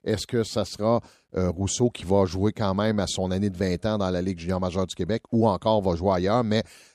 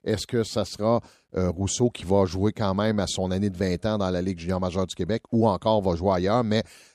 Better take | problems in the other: neither | none

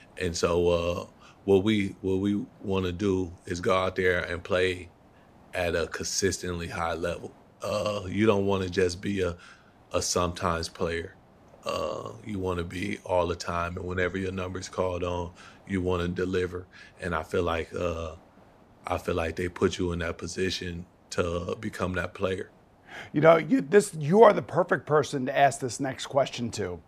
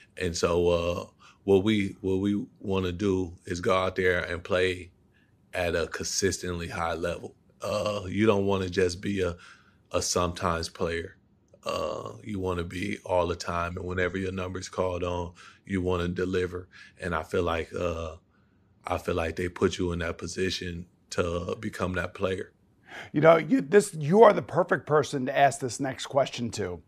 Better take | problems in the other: second | hiss; faint; throughout; 30 dB below the speech

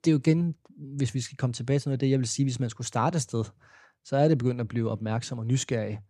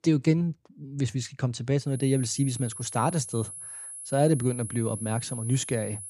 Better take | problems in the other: first | high-pitched whine; loud; from 2 s on; 10.5 kHz, 9 dB below the speech

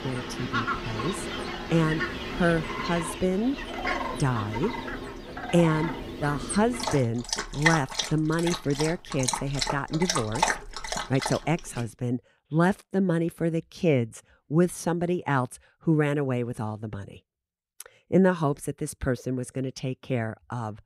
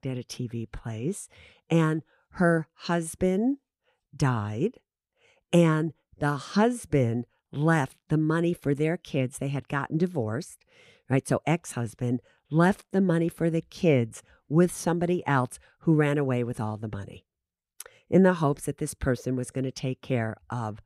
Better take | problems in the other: second | animal sounds; loud; until 12 s; 4 dB below the speech

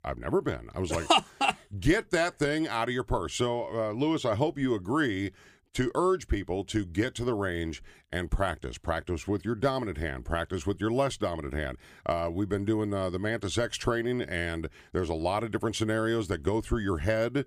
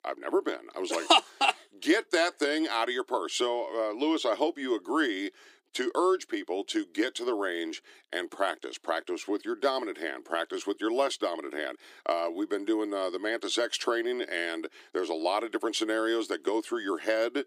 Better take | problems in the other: first | thin; somewhat; fading below 300 Hz

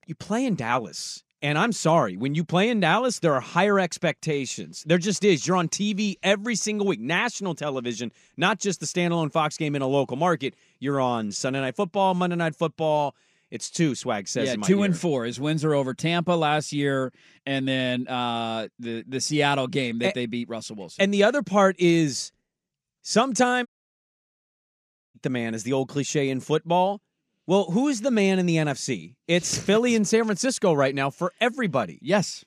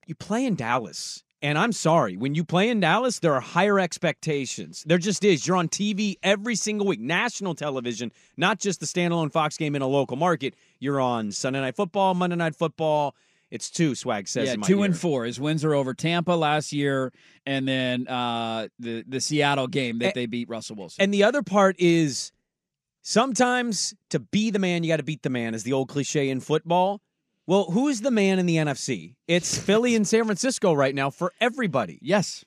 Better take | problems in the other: second | audio cutting out; at 24 s for 1.5 s

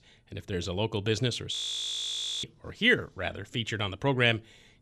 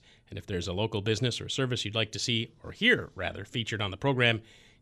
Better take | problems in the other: second | audio freezing; at 1.5 s for 1 s

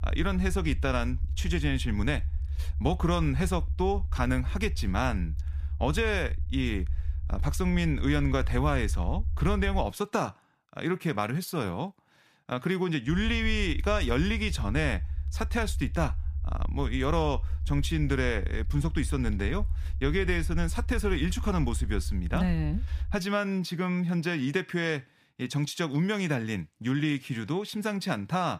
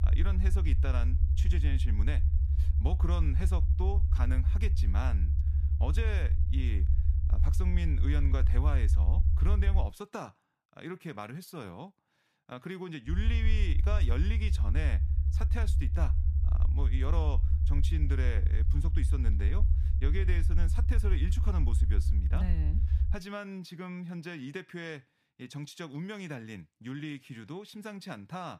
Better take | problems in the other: first | low rumble; loud; until 10 s and from 13 to 23 s; 5 dB below the speech; faint in the first

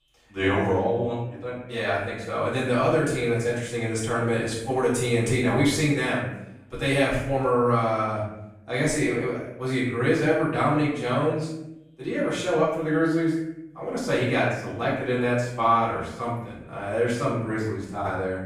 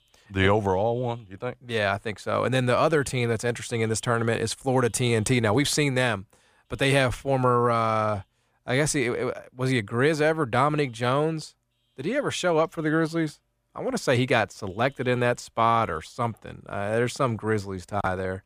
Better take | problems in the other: second | room echo; noticeable; dies away in 0.7 s // off-mic speech; far

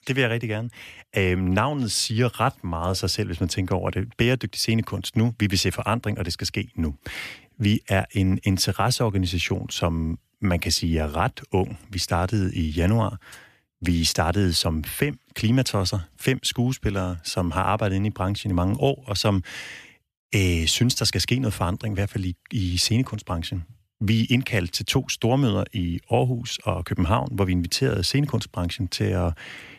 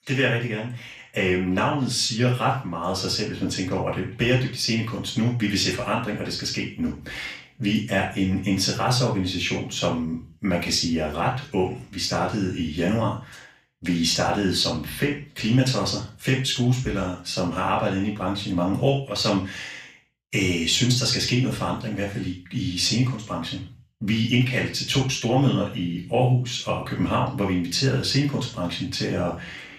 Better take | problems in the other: first | room echo; noticeable; dies away in 0.3 s // off-mic speech; far

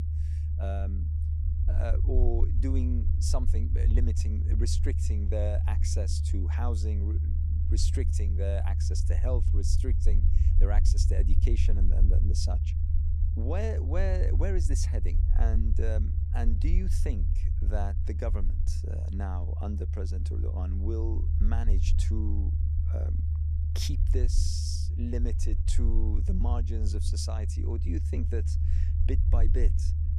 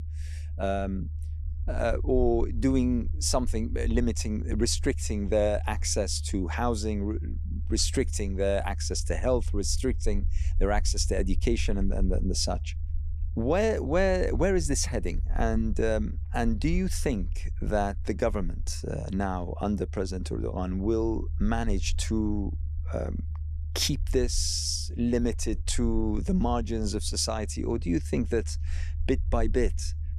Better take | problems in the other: second | low rumble; loud; throughout; 6 dB below the speech; faint in the second

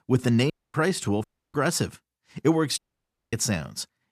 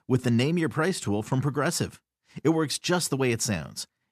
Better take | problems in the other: second | audio cutting out; at 0.5 s, at 1 s and at 3 s for 0.5 s

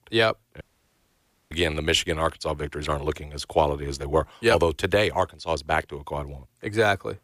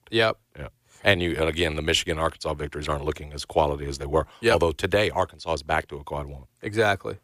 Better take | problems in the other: second | audio cutting out; at 0.5 s for 1 s

